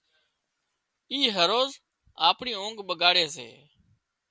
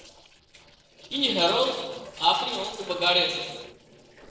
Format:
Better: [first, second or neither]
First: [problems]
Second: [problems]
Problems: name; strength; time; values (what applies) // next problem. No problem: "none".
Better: first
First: none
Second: noise reduction (neural separator model SepFormer DNS4)